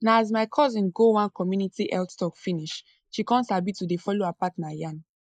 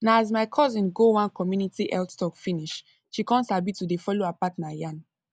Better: second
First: noise reduction (neural mask model Resemble Enhance denoiser)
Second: none

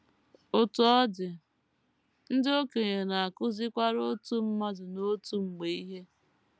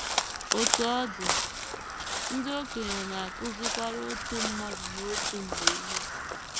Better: first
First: none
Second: background sound (Crow); 4 dB above the speech

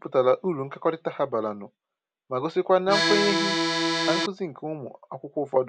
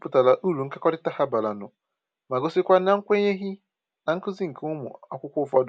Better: second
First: background sound (Accordion); 3 dB above the speech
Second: none

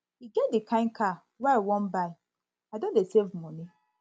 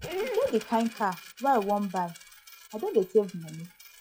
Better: first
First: none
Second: noise reduction (classical method log-MMSE)

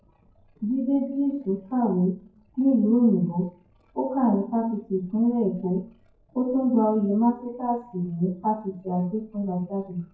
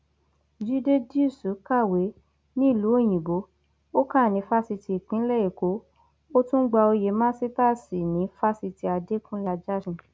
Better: second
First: noise reduction (classical method WPE with log-MMSE)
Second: none

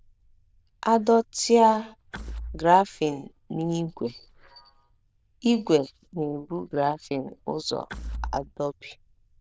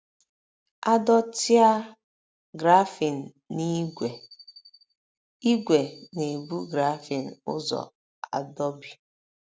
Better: second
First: noise reduction (neural diffusion model UNIVERSE++)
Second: none

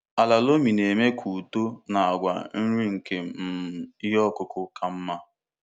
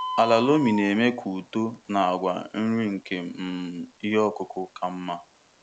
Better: first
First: none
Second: background sound (Bird); 14 dB below the speech

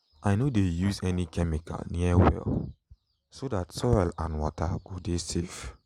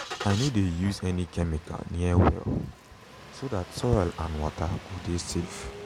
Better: first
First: none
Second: background sound (Engine starting); 14 dB below the speech

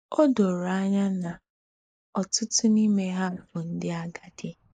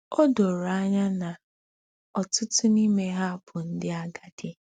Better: second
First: noise reduction (neural mask model Resemble Enhance denoiser)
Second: none

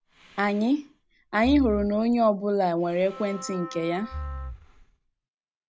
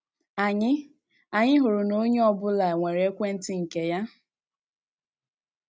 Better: second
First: background sound (Breathing + Wind instrument, woodwind instrument); 14 dB below the speech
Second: none

